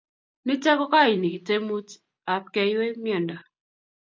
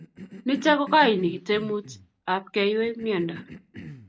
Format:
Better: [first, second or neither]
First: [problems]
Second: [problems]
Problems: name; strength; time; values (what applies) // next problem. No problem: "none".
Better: first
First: none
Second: background sound (Cough); 17 dB below the speech